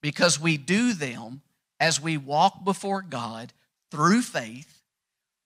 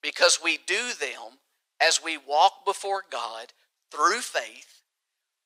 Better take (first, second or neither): first